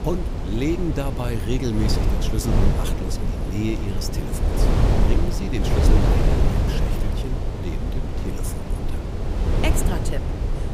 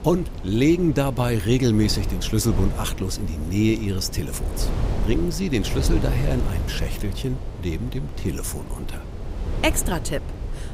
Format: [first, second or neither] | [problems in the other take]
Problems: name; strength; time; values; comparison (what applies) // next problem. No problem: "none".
second | wind noise on the microphone; heavy; 1 dB above the speech; occasional gusts in the second